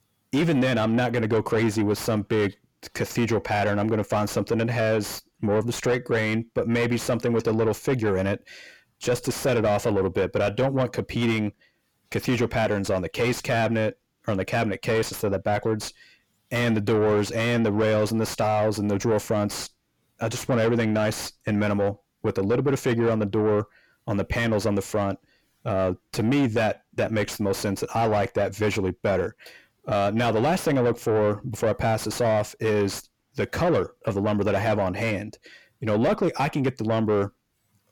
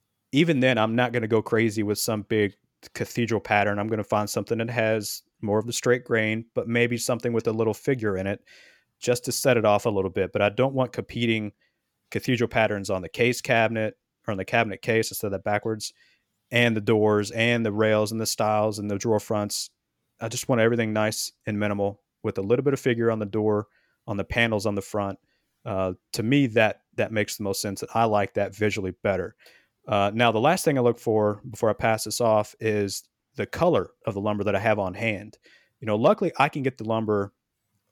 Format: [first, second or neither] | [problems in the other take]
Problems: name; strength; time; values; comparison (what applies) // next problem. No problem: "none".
second | distortion; heavy; 6 dB below the speech